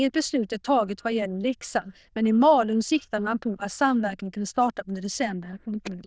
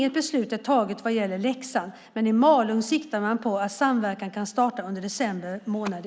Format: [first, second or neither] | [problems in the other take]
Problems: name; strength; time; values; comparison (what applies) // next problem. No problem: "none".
second | noise reduction (neural diffusion model UNIVERSE++)